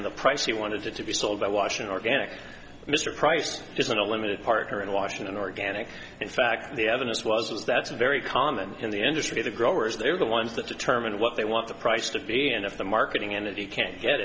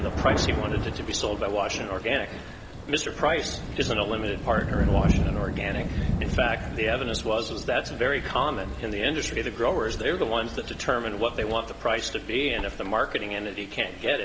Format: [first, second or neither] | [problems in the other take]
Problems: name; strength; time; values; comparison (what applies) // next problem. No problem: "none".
first | background sound (Thunder); 3 dB below the speech